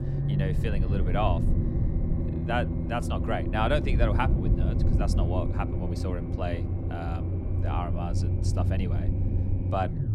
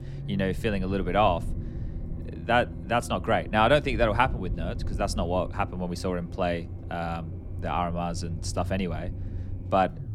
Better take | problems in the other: second | low rumble; loud; throughout; 6 dB below the speech; faint in the second

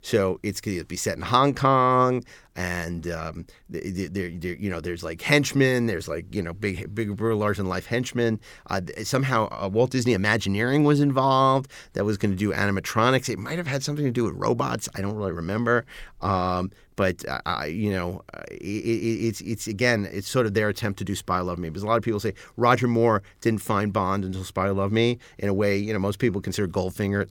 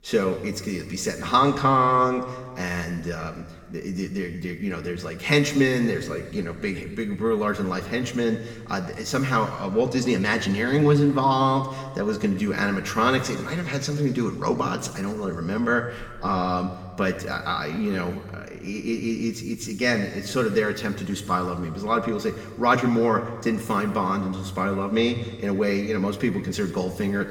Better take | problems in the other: first | room echo; noticeable; dies away in 1.6 s // off-mic speech; somewhat distant

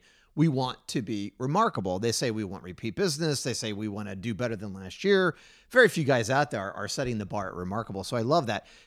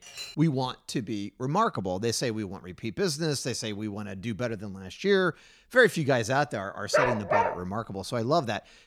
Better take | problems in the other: first | clattering dishes; faint; at the start; peak 10 dB below the speech // dog barking; loud; at 7 s; peak 3 dB above the speech

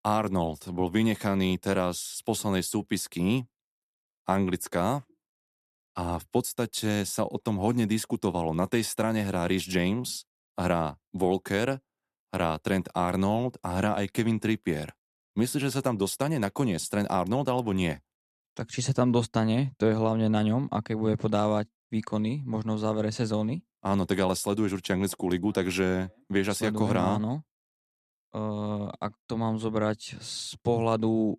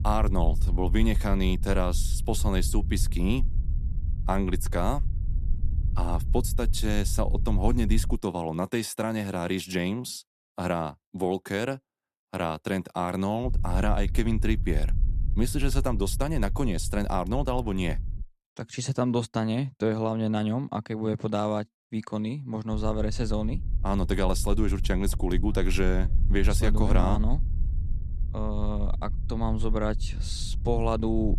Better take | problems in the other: first | low rumble; noticeable; until 8 s, from 13 to 18 s and from 23 s on; 20 dB below the speech

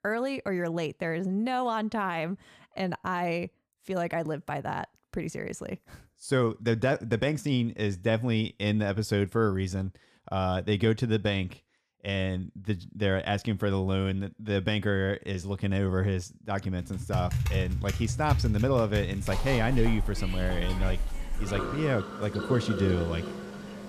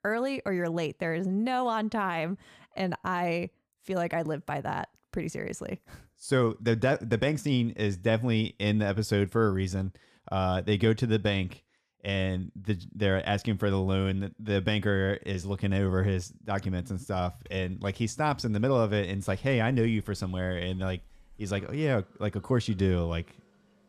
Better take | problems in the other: second | household noises; loud; from 17 s on; 4 dB below the speech; faint in the second

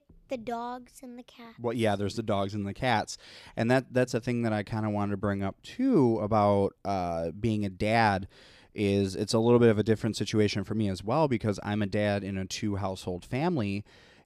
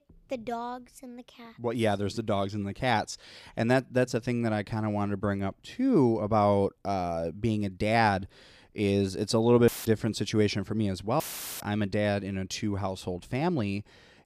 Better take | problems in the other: first | audio cutting out; filled with static; at 9.5 s and at 11 s

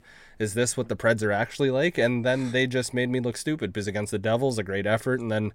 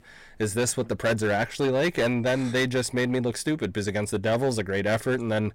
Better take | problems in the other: first | distortion; slight; 12% of the sound clipped

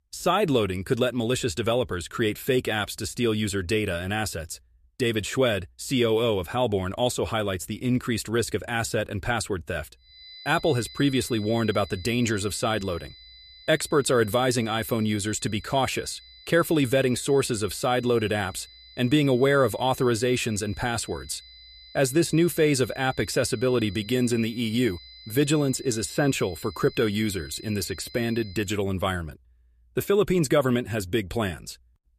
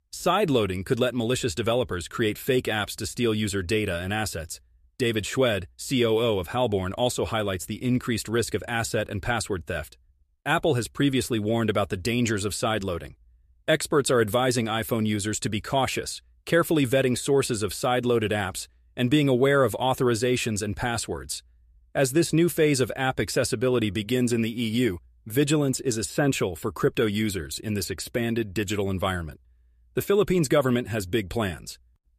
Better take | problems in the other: second | high-pitched whine; noticeable; from 10 to 29 s; 4 kHz, 20 dB below the speech

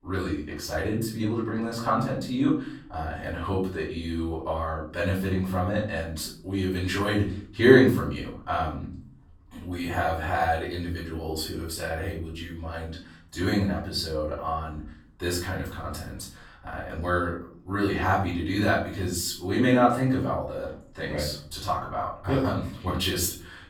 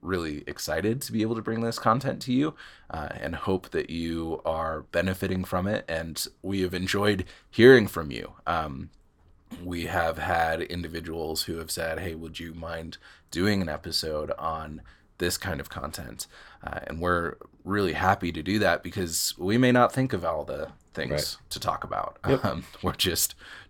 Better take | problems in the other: second | off-mic speech; far // room echo; noticeable; dies away in 0.5 s

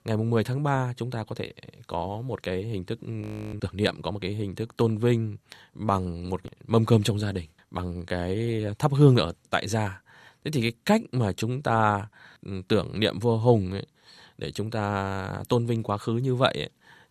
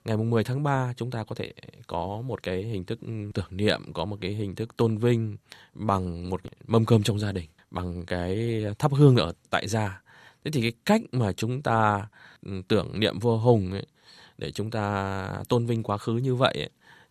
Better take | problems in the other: second | audio freezing; at 3 s

